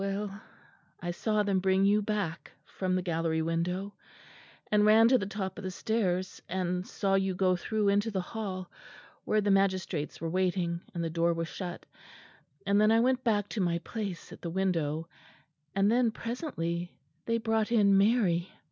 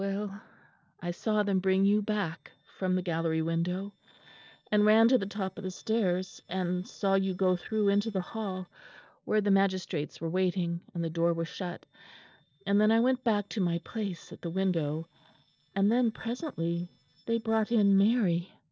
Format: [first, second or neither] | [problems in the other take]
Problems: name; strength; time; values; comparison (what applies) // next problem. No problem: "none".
first | noise reduction (neural separator model SepFormer DNS4)